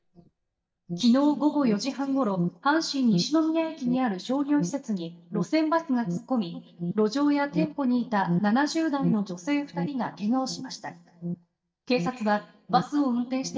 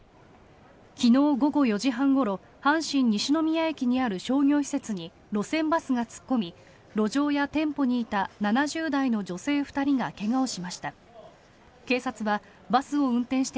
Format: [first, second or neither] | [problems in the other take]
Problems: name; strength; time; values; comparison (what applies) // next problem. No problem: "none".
second | noise reduction (neural mask model DeepFilterNet 3)